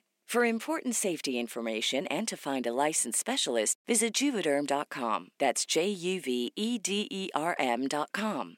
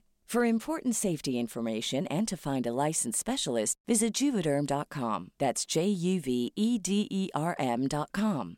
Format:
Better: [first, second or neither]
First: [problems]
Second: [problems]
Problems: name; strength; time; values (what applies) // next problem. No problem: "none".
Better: second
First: thin; very slightly; fading below 250 Hz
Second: none